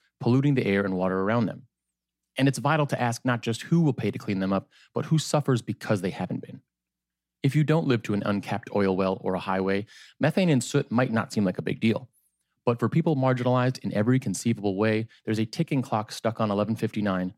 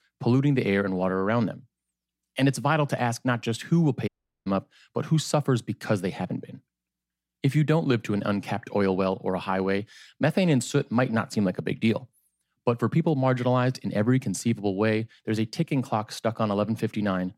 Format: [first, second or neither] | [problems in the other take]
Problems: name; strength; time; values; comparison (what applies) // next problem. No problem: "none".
first | audio cutting out; at 4 s